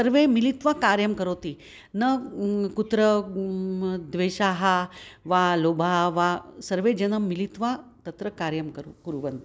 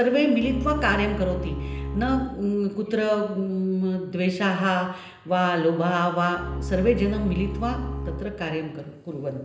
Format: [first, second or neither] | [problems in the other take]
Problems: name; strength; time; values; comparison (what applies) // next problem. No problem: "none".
first | background sound (Bowed string instrument); 7 dB below the speech // room echo; dies away in 0.9 s